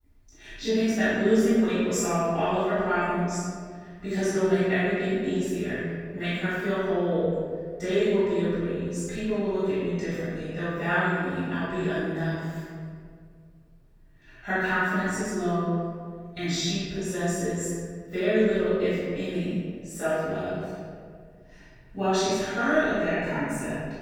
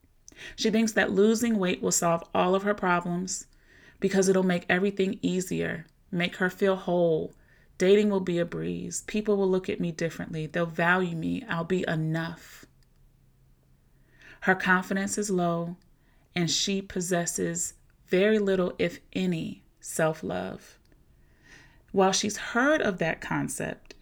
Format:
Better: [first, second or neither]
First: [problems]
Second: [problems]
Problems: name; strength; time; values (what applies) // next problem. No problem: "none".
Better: second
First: off-mic speech; far // room echo; strong; dies away in 1.8 s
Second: none